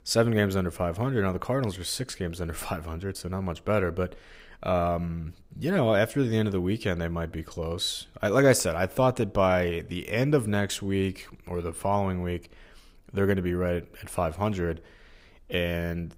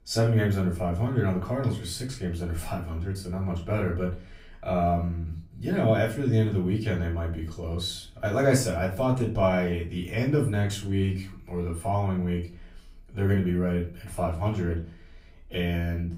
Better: first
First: none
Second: off-mic speech; far // room echo; slight; dies away in 0.3 s

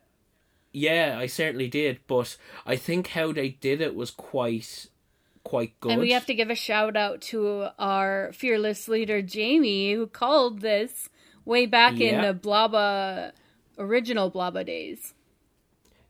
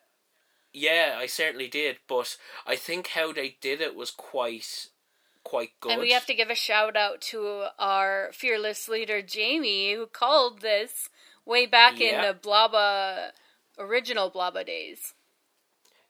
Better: first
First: none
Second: thin; somewhat; fading below 600 Hz

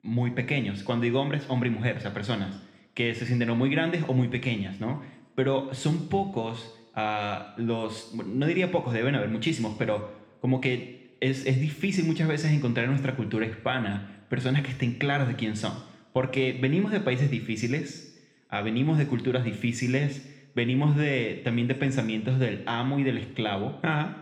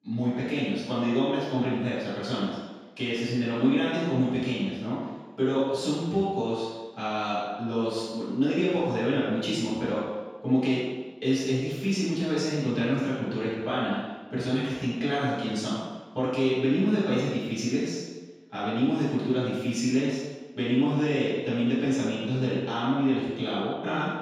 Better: first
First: room echo; slight; dies away in 0.9 s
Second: room echo; strong; dies away in 1.2 s // off-mic speech; far

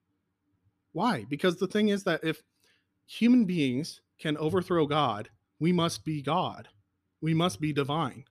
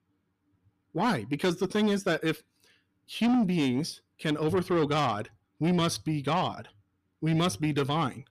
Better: first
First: none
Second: distortion; slight; 10 dB below the speech

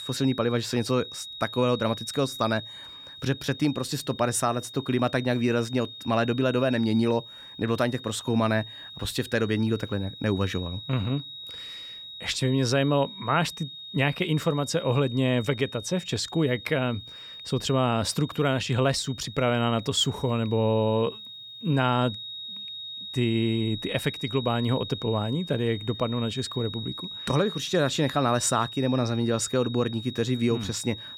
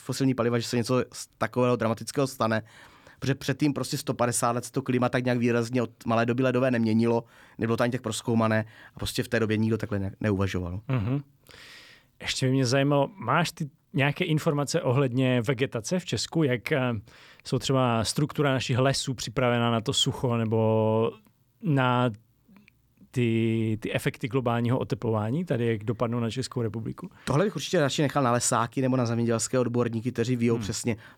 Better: second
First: high-pitched whine; noticeable; throughout; 4 kHz, 10 dB below the speech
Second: none

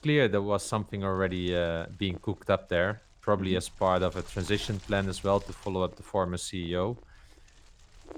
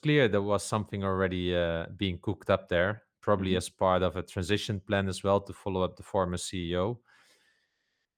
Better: second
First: wind noise on the microphone; occasional gusts; 25 dB below the speech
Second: none

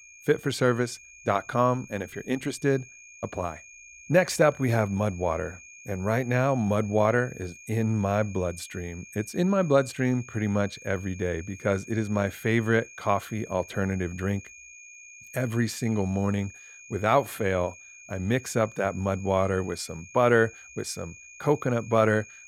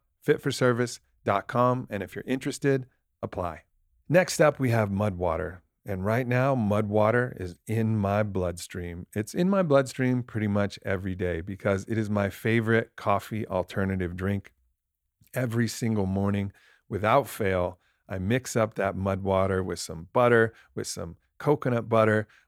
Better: second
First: high-pitched whine; noticeable; throughout; 2.5 kHz, 20 dB below the speech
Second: none

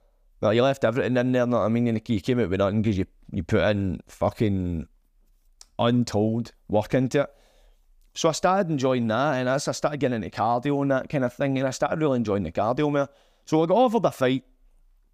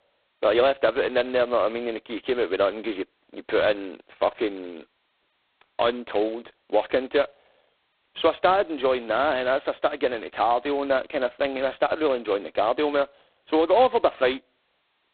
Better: first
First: none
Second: phone-call audio; poor line; nothing above 4 kHz

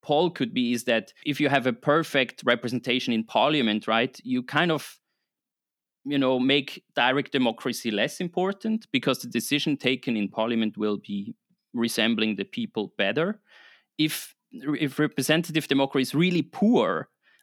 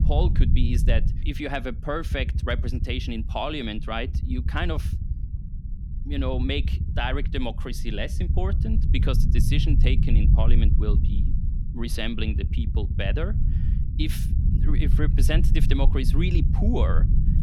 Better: first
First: none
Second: low rumble; loud; throughout; 9 dB below the speech

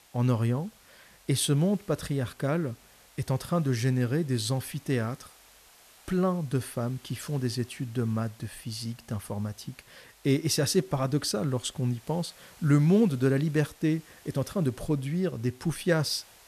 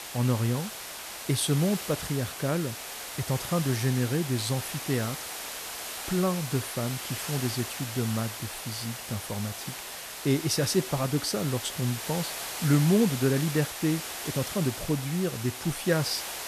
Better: first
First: hiss; faint; throughout; 25 dB below the speech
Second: hiss; loud; throughout; 6 dB below the speech

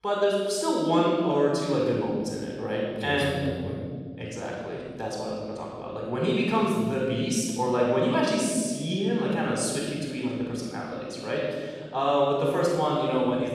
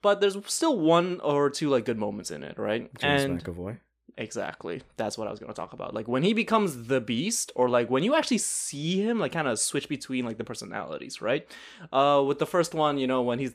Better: second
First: room echo; strong; dies away in 1.9 s // off-mic speech; far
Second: none

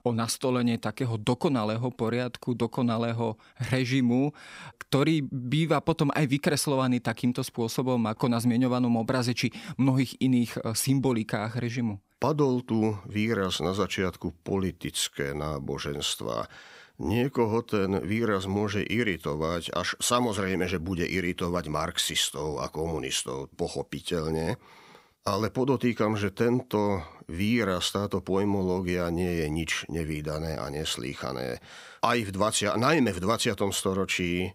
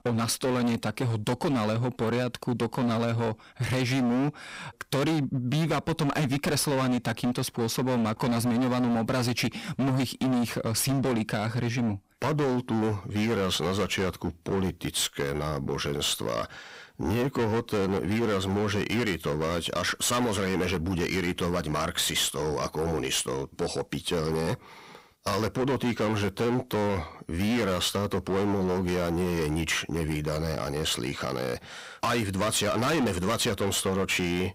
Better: first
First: none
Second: distortion; heavy; 23% of the sound clipped

